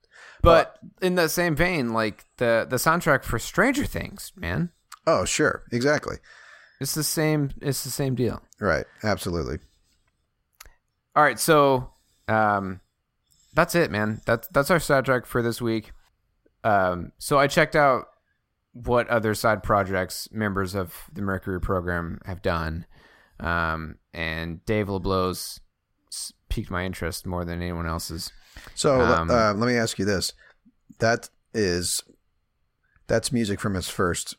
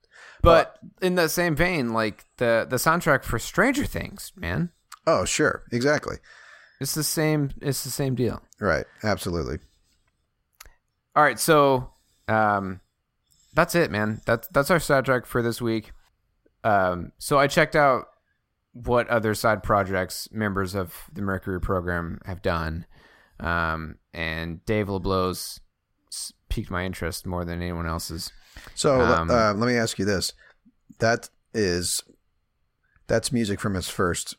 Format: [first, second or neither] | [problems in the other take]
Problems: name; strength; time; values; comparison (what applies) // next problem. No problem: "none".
neither | none